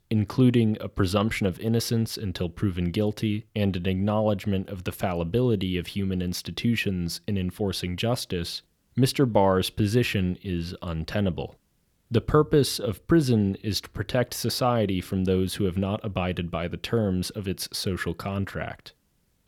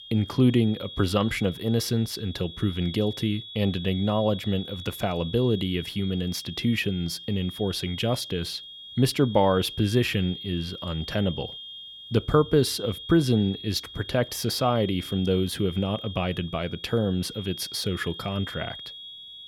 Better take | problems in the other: first | high-pitched whine; noticeable; throughout; 3.5 kHz, 10 dB below the speech

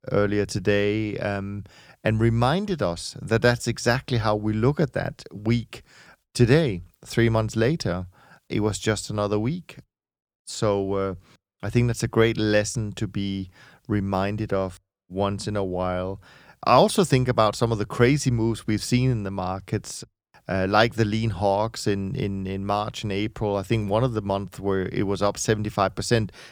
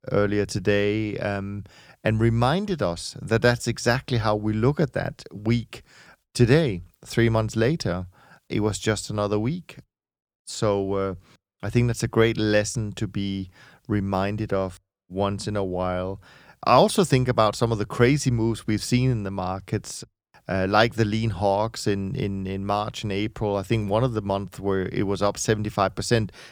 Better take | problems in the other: neither | none

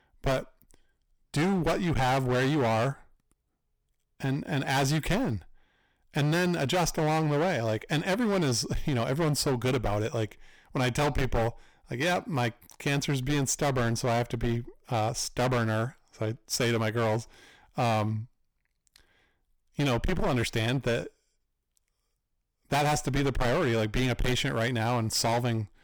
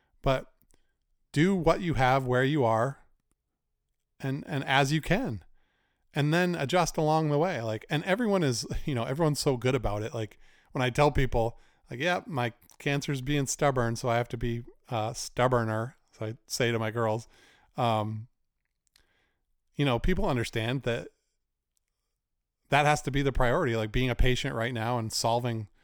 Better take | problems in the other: second | distortion; heavy; 16% of the sound clipped

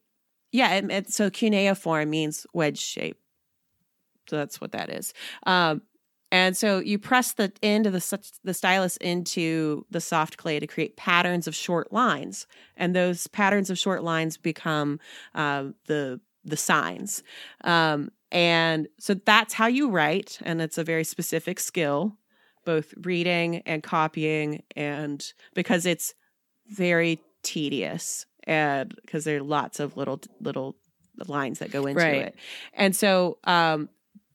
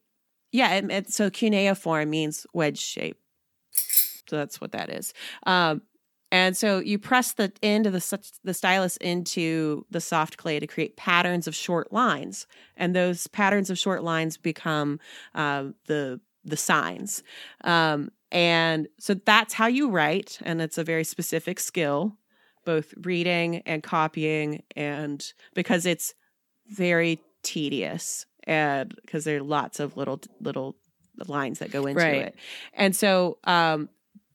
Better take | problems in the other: first | jangling keys; loud; at 4 s; peak 6 dB above the speech

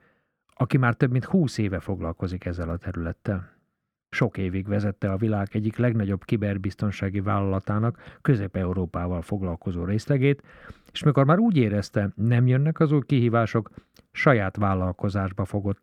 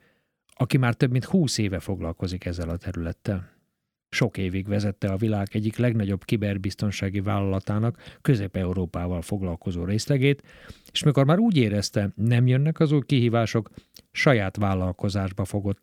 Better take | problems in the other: second | muffled; slightly; fading above 2.5 kHz

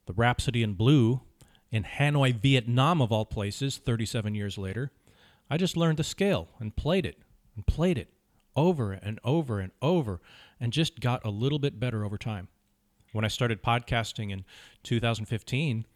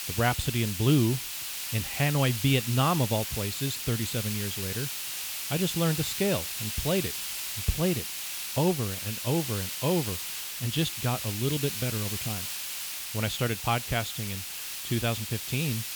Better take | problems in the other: first | hiss; loud; throughout; 3 dB below the speech

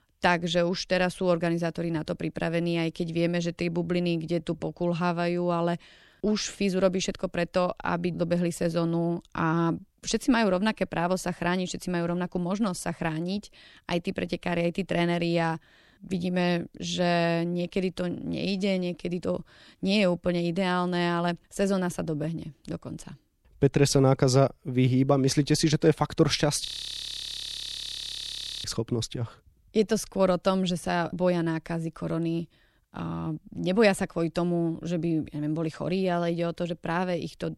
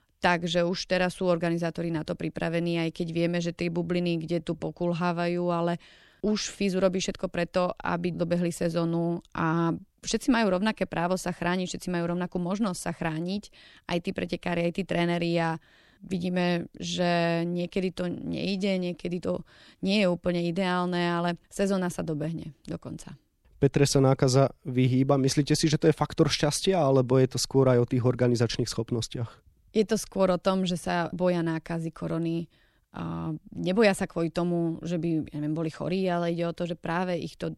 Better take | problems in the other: second | audio freezing; at 27 s for 2 s

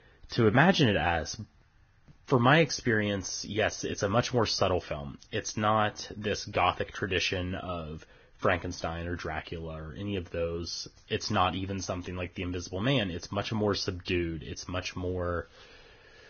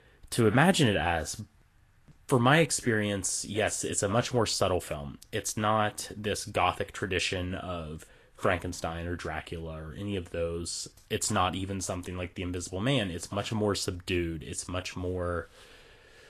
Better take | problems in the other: second | garbled, watery; badly; nothing above 6.5 kHz; slightly in the second

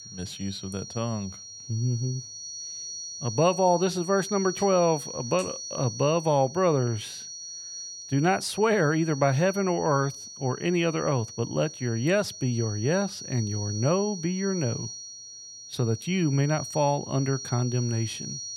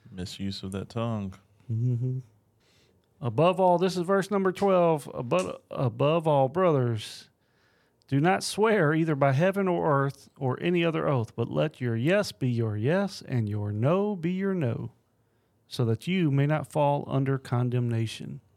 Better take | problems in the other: second | high-pitched whine; noticeable; throughout; 6 kHz, 10 dB below the speech

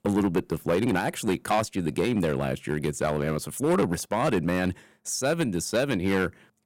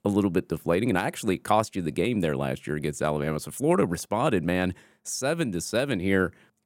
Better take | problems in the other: second | distortion; slight; 5% of the sound clipped

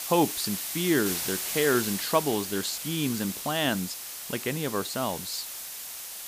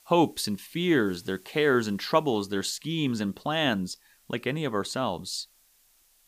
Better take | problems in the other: second | hiss; loud; throughout; 4 dB below the speech; faint in the second

